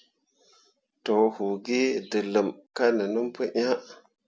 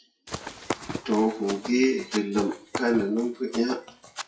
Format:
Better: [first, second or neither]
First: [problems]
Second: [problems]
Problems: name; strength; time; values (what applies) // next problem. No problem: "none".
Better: first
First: none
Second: noise reduction (classical method WPE with log-MMSE)